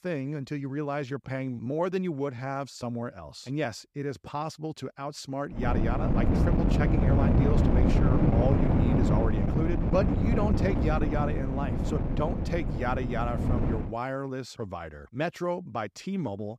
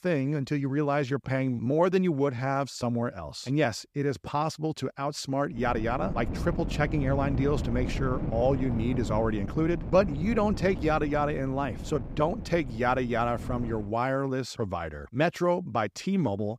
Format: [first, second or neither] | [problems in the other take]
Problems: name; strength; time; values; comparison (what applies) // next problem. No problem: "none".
second | wind noise on the microphone; heavy; from 5.5 to 14 s; as loud as the speech; occasional gusts in the second